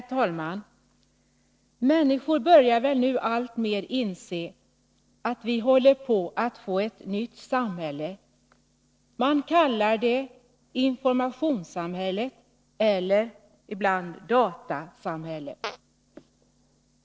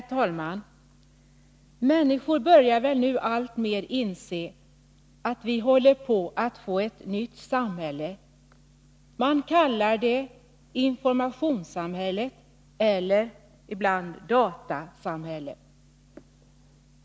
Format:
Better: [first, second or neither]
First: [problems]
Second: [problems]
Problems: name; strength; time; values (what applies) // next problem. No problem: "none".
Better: second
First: noise reduction (neural separator model SepFormer DNS4)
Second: none